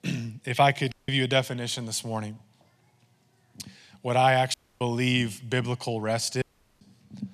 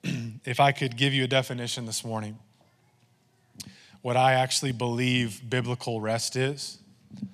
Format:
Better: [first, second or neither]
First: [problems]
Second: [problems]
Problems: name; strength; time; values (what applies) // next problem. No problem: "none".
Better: second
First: audio cutting out; at 1 s, at 4.5 s and at 6.5 s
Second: none